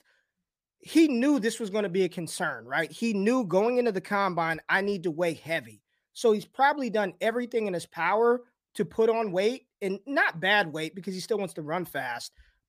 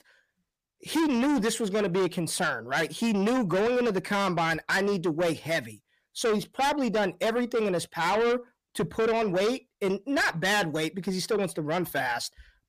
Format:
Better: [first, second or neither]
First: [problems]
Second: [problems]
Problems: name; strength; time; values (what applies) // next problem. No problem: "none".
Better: first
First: none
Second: distortion; heavy; 6 dB below the speech